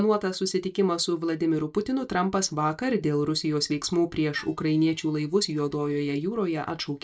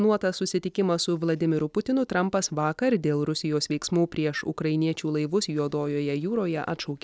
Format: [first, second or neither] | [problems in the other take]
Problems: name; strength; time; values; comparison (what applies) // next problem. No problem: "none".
second | noise reduction (neural mask model DeepFilterNet 3)